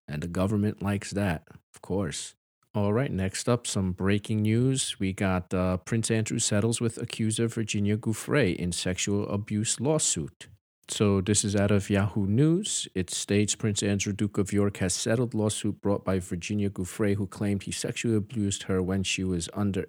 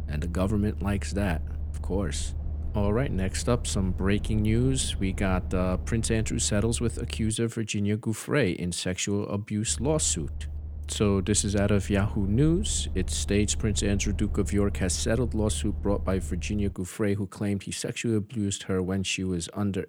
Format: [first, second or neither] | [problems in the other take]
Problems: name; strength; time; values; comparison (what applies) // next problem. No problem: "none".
first | low rumble; noticeable; until 7.5 s and from 9.5 to 17 s; 20 dB below the speech